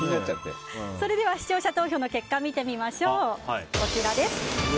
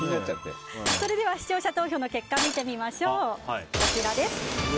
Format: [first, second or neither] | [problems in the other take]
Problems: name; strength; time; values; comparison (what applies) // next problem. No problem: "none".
first | background sound (Shatter); 4 dB below the speech